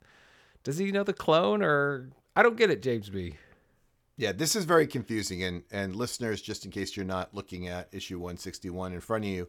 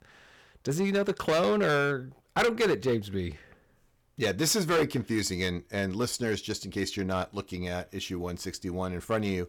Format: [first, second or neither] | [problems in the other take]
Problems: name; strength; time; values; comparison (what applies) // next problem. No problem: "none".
first | distortion; heavy; 6% of the sound clipped